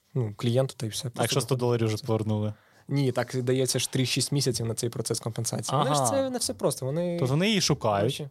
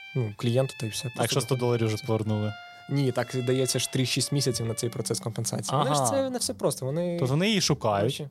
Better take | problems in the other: first | background music; noticeable; throughout; 20 dB below the speech

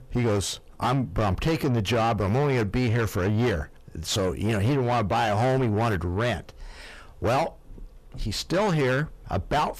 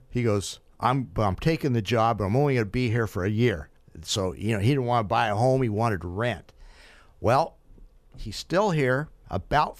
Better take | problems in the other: second | distortion; heavy; 7 dB below the speech

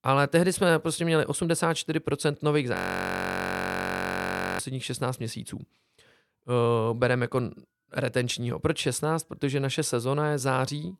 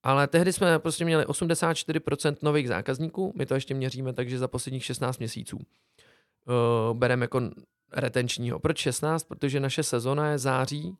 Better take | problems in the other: second | audio freezing; at 3 s for 2 s

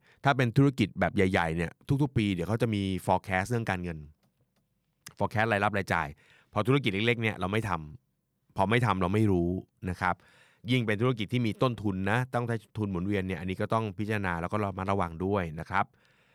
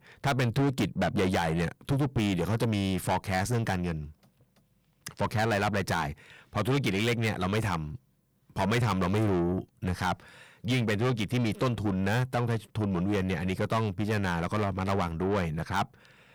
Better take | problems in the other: first | distortion; heavy; 6 dB below the speech

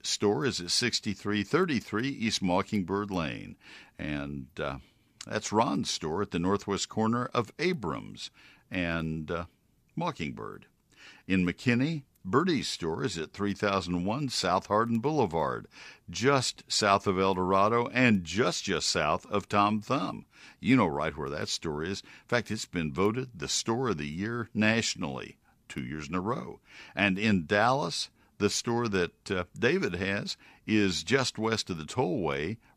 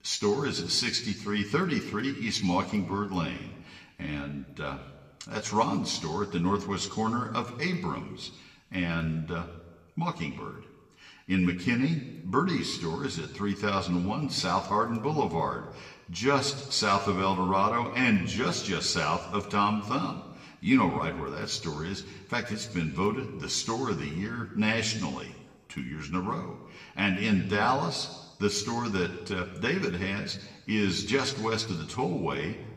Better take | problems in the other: first | room echo; very slight; dies away in 1 s

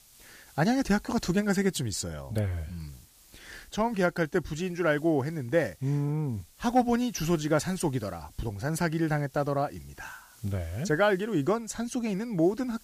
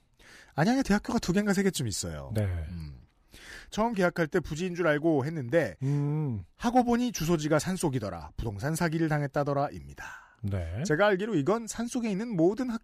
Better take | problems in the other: second | hiss; faint; throughout; 25 dB below the speech

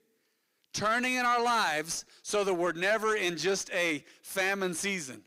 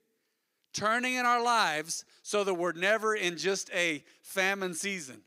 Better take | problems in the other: second | distortion; slight; 10 dB below the speech

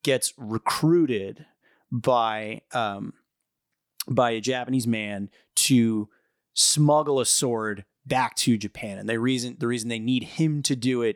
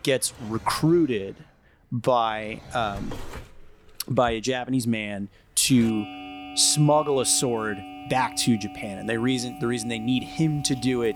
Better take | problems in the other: first | household noises; noticeable; throughout; 15 dB below the speech

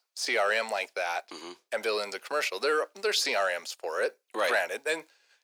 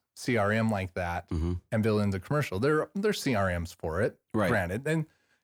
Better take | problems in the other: second | thin; very; fading below 450 Hz

